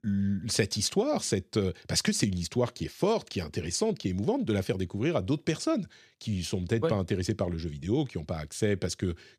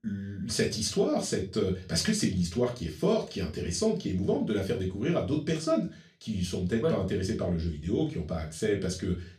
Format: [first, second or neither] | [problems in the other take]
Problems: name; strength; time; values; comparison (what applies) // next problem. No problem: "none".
first | off-mic speech; far // room echo; very slight; dies away in 0.3 s